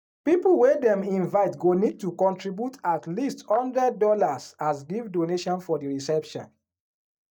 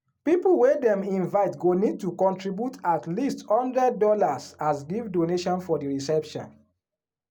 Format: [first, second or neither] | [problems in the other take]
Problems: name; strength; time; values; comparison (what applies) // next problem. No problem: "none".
second | noise reduction (neural mask model DeepFilterNet 3)